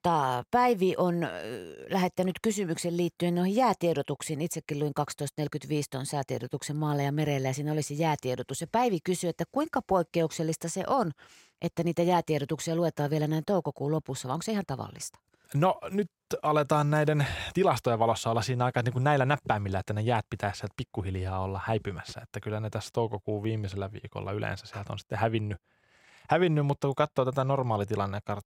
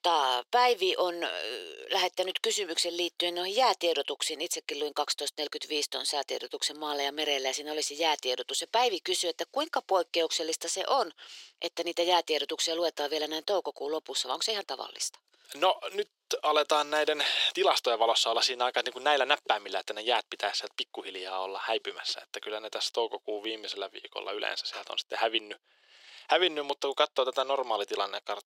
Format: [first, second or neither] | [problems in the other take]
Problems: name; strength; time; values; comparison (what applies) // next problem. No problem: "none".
first | thin; very; fading below 350 Hz